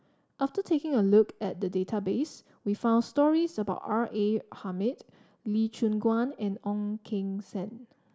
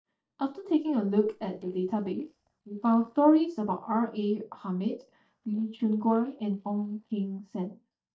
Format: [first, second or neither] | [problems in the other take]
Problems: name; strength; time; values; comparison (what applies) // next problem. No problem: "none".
first | noise reduction (neural mask model DeepFilterNet 3)